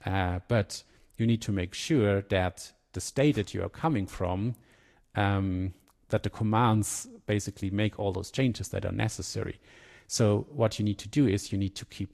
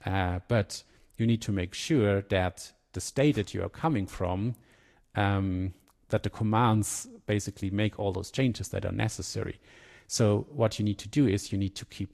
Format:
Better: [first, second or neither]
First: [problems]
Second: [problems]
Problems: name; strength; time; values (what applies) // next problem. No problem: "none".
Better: neither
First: garbled, watery; slightly; nothing above 12.5 kHz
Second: garbled, watery; slightly; nothing above 12.5 kHz